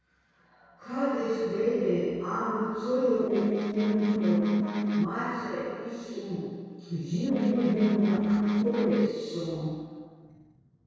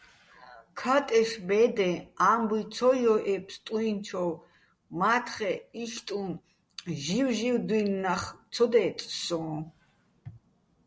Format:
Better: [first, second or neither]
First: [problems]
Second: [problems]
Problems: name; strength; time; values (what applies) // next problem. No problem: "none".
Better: second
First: noise reduction (neural separator model SepFormer DNS4)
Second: none